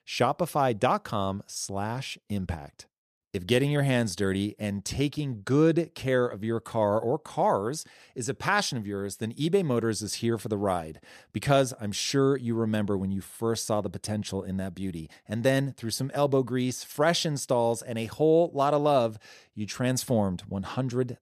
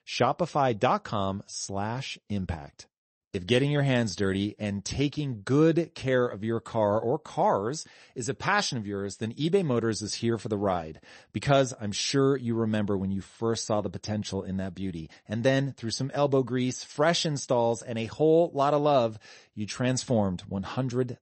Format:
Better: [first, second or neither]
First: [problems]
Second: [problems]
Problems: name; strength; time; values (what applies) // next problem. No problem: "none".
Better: first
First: none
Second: garbled, watery; slightly; nothing above 8 kHz